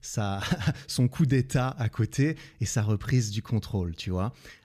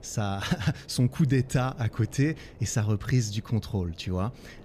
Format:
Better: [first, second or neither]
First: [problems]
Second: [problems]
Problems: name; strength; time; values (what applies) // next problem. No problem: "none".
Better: first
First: none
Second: wind noise on the microphone; occasional gusts; 20 dB below the speech